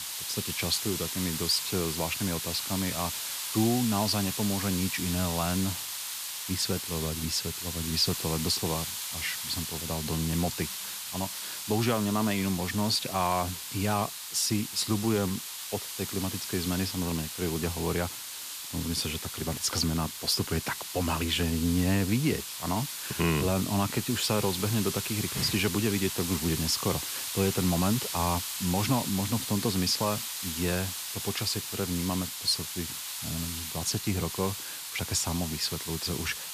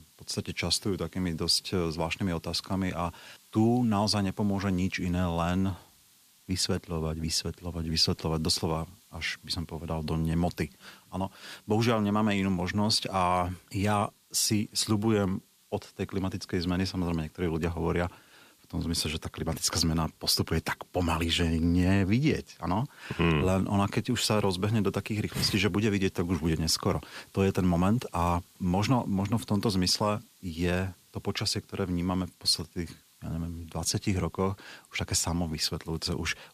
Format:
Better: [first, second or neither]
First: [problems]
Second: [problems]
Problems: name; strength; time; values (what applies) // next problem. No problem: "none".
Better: second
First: hiss; loud; throughout; 4 dB below the speech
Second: hiss; faint; throughout; 30 dB below the speech